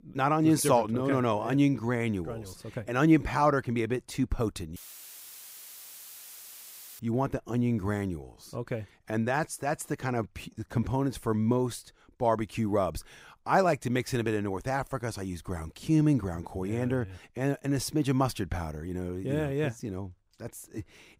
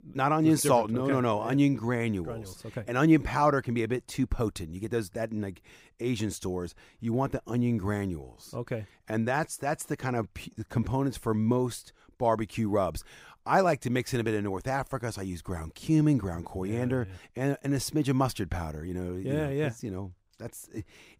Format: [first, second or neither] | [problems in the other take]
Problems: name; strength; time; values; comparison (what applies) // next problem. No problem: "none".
second | audio cutting out; filled with static; at 5 s for 2 s